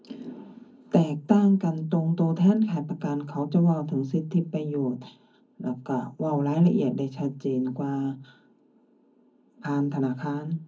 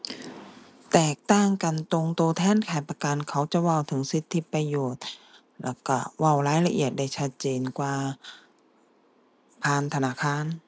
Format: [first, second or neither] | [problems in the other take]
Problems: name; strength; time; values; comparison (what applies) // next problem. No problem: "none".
second | room echo; dies away in 0.4 s